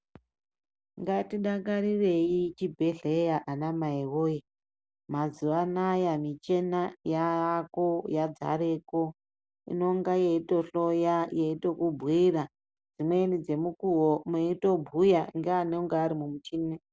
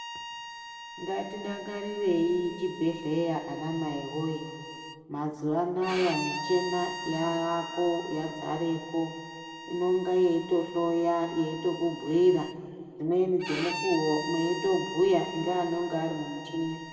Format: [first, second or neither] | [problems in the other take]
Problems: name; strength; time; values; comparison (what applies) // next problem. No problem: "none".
first | background sound (Bowed string instrument); 11 dB below the speech // room echo; dies away in 1.7 s